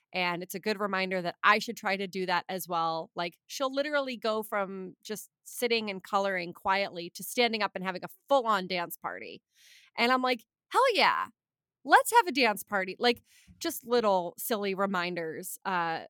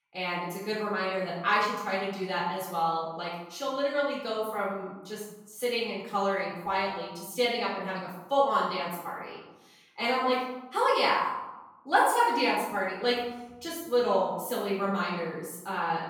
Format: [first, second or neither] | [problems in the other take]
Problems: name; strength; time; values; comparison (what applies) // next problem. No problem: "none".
first | room echo; noticeable; dies away in 0.8 s // off-mic speech; far